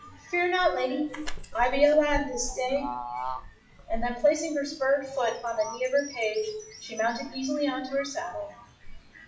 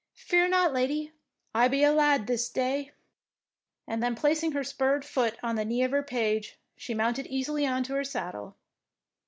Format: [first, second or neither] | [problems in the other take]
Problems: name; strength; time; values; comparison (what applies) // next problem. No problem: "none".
second | noise reduction (classical method WPE with log-MMSE)